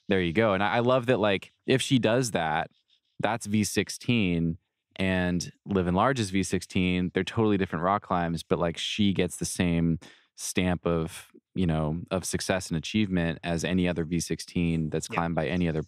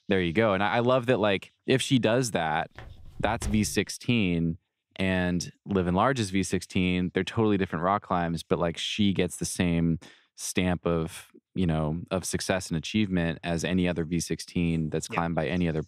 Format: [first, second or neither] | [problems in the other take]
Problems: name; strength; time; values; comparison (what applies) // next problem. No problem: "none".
first | footsteps; faint; at 3 s; peak 10 dB below the speech